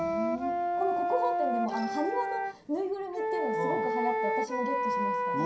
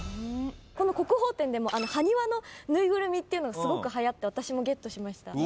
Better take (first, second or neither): second